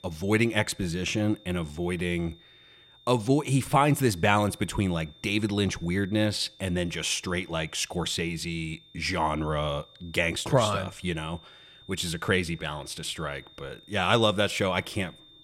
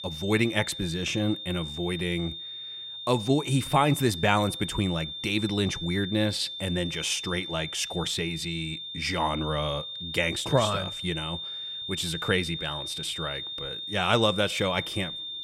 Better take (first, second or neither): first